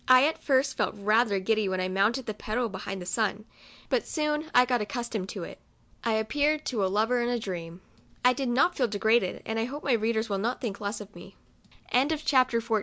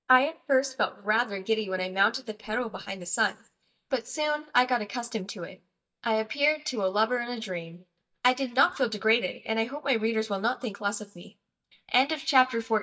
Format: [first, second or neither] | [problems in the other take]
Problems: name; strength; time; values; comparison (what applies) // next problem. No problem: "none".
first | noise reduction (neural mask model DeepFilterNet 3)